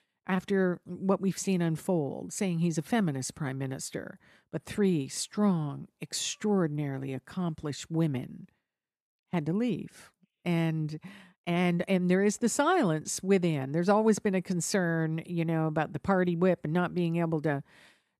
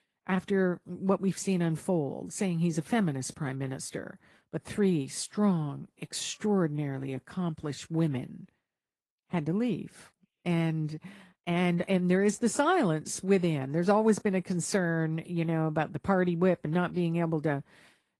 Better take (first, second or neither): first